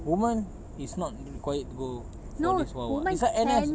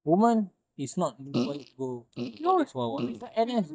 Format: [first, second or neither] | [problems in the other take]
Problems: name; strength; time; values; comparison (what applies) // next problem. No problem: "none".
first | noise reduction (neural mask model DeepFilterNet 3)